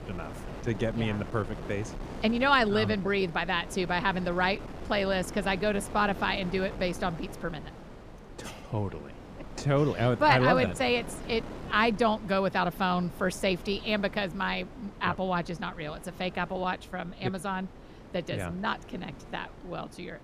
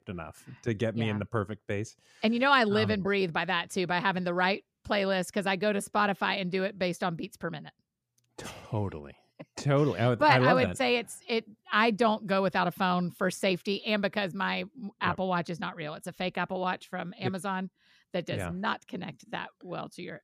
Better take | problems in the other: second | wind noise on the microphone; occasional gusts; 15 dB below the speech

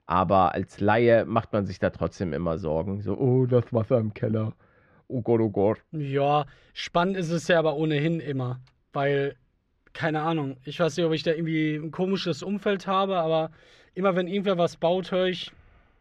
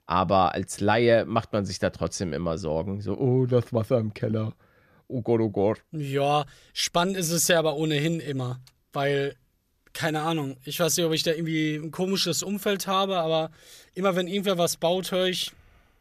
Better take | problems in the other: second | muffled; slightly; fading above 2.5 kHz

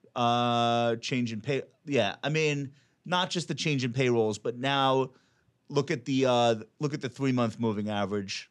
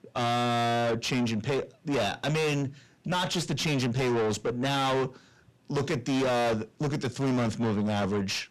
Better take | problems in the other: first | distortion; heavy; 5 dB below the speech

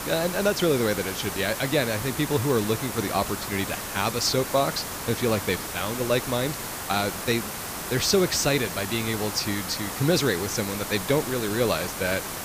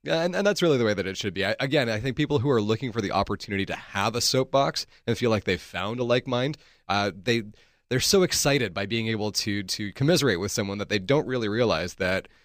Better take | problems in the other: second | hiss; loud; throughout; 6 dB below the speech

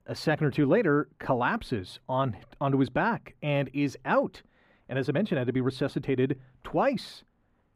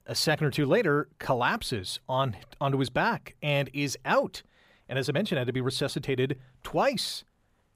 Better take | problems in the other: second | muffled; slightly; fading above 3 kHz

